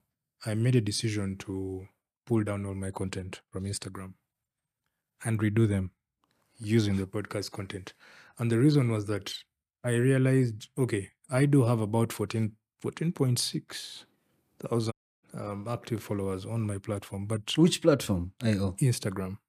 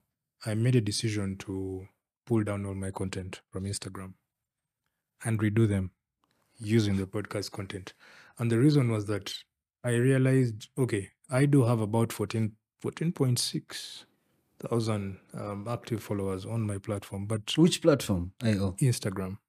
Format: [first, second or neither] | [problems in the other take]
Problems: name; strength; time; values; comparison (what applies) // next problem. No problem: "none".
second | audio cutting out; at 15 s